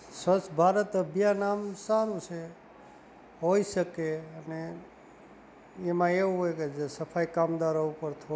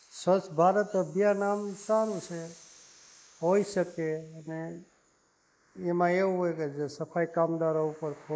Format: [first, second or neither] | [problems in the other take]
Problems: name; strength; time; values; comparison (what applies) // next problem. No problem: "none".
first | noise reduction (neural mask model Resemble Enhance denoiser)